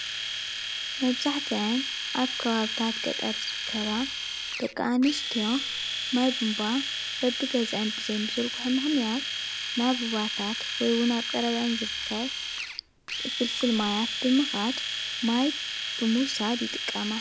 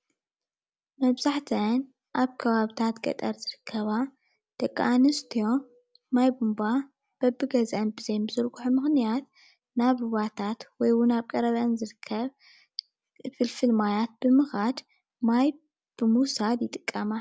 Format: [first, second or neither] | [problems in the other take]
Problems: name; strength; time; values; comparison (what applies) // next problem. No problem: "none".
second | background sound (Domestic sounds, home sounds); 3 dB below the speech